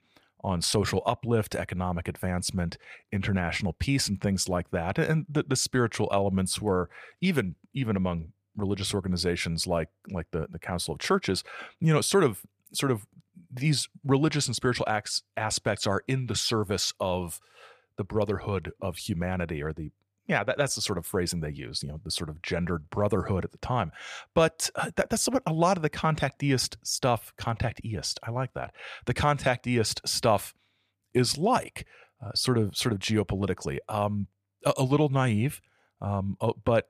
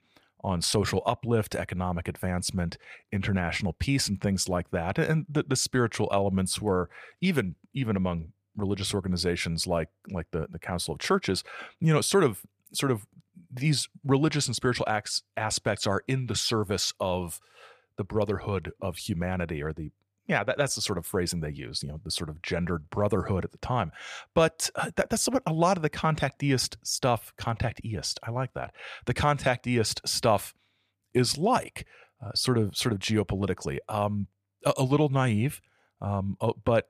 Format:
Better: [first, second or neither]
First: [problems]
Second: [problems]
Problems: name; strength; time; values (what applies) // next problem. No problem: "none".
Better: neither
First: none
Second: none